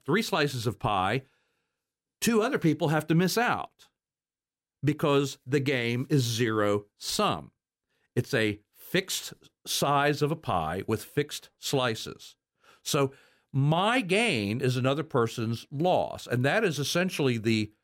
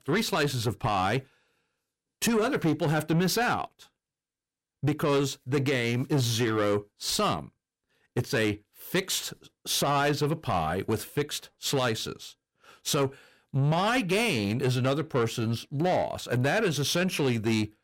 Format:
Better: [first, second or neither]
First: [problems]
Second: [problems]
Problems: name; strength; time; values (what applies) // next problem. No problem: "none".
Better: first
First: none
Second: distortion; slight; 10 dB below the speech